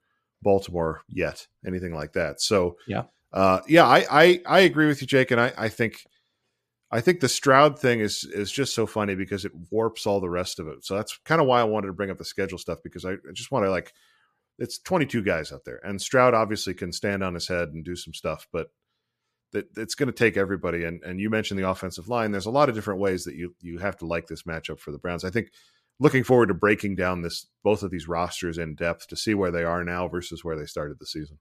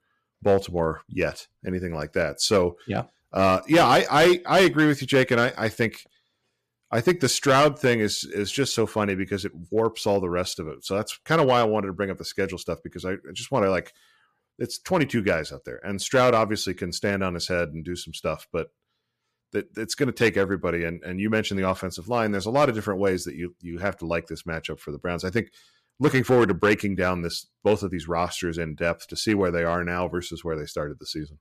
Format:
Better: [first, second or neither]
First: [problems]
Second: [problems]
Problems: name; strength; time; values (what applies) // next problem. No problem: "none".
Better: first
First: none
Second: distortion; slight; 2% of the sound clipped